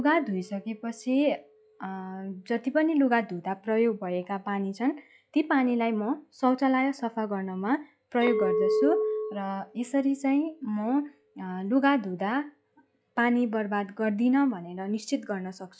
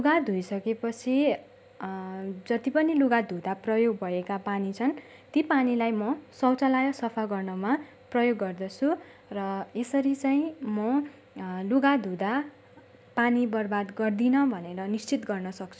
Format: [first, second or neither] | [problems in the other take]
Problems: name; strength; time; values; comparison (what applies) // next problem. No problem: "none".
second | noise reduction (classical method log-MMSE)